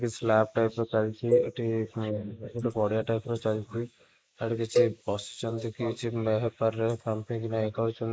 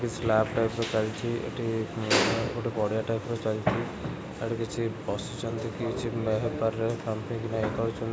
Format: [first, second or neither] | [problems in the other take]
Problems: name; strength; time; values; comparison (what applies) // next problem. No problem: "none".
second | noise reduction (neural mask model Resemble Enhance denoiser)